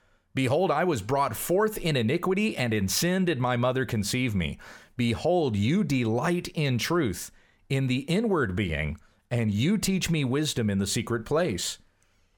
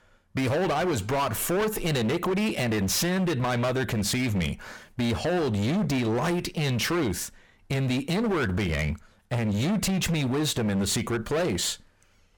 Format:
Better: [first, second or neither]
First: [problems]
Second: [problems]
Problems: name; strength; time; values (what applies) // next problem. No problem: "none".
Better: first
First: none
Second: distortion; heavy; 27% of the sound clipped